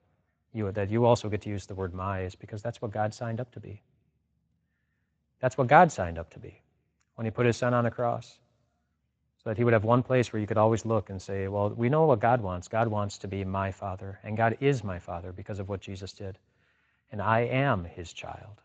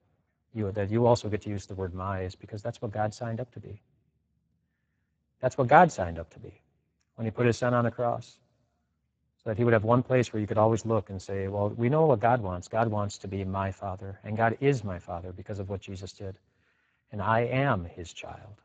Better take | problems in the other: first | garbled, watery; badly; nothing above 7.5 kHz; slightly in the first

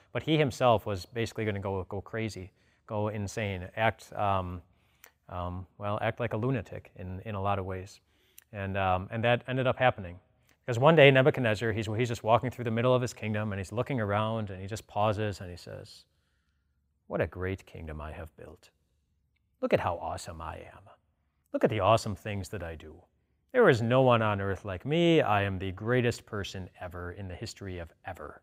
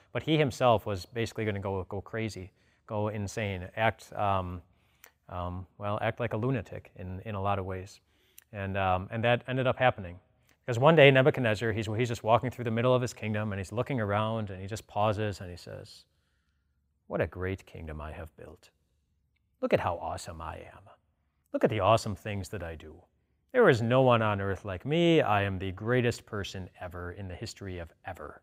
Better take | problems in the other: neither | none

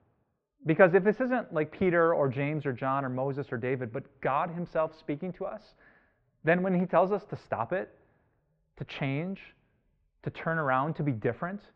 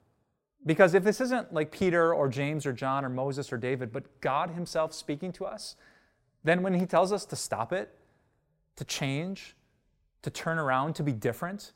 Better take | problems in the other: second | muffled; very; fading above 2.5 kHz

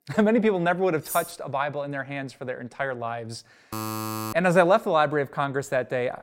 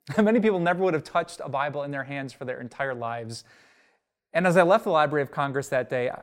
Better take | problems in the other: second | clattering dishes; noticeable; at 1 s; peak 9 dB below the speech // alarm; noticeable; at 3.5 s; peak 6 dB below the speech

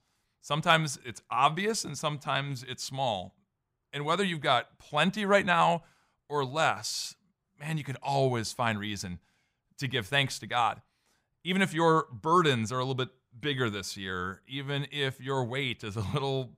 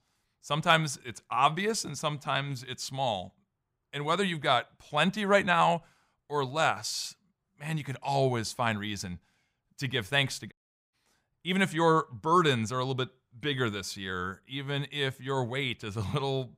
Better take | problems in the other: first | audio cutting out; at 11 s

